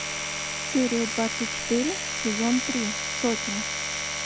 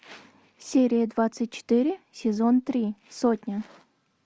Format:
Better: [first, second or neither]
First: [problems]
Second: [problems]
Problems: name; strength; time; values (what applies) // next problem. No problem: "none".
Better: second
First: background sound (Domestic sounds, home sounds); 1 dB below the speech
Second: none